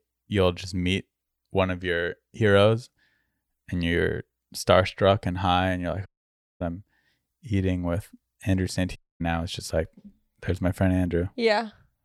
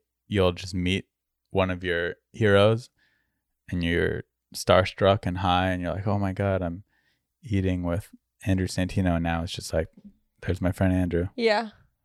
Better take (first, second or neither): second